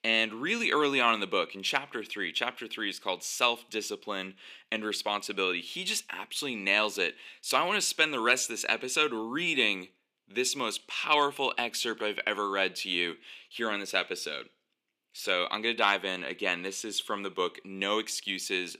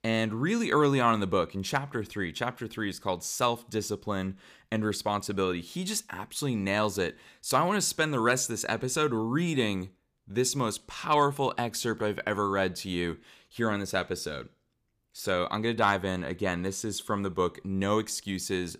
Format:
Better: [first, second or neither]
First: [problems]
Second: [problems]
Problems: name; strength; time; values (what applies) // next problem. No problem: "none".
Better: second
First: thin; very slightly; fading below 250 Hz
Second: none